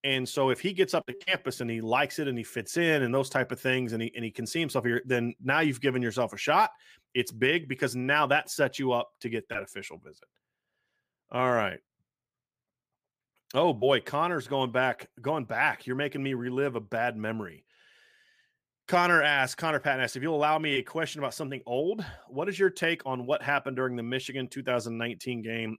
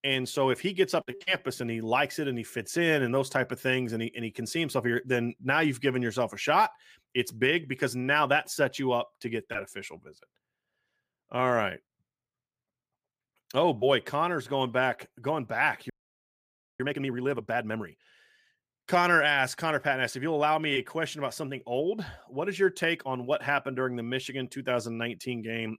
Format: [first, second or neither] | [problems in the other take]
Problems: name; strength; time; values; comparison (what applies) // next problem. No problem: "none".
first | audio freezing; at 16 s for 1 s